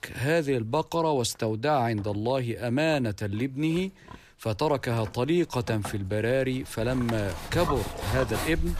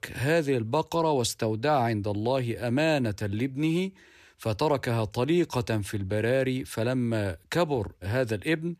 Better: second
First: animal sounds; loud; throughout; 9 dB below the speech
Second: none

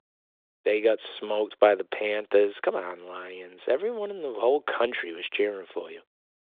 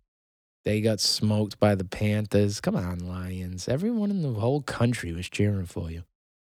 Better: second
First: phone-call audio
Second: none

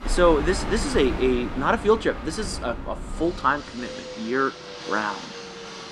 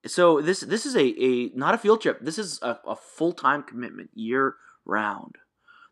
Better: second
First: train or aircraft noise; loud; throughout; 9 dB below the speech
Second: none

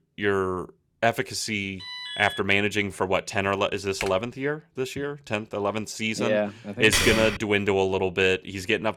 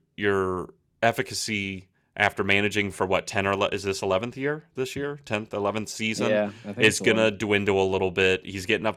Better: second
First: alarm; noticeable; at 2 s; peak 7 dB below the speech // keyboard typing; noticeable; at 4 s; peak 10 dB below the speech // keyboard typing; loud; at 7 s; peak 3 dB above the speech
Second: none

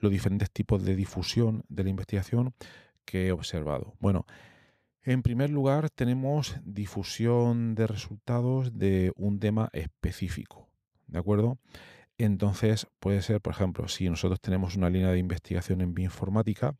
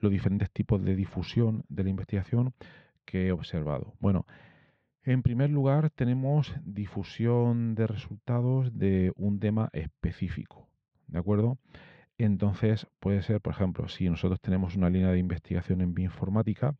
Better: first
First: none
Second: muffled; slightly; fading above 3.5 kHz

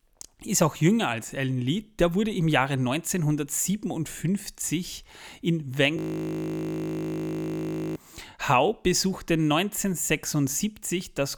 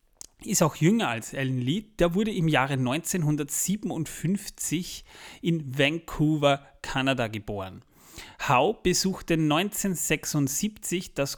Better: second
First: audio freezing; at 6 s for 2 s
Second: none

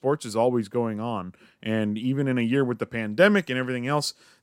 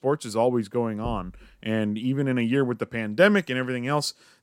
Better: first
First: none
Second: door banging; faint; at 1 s; peak 15 dB below the speech

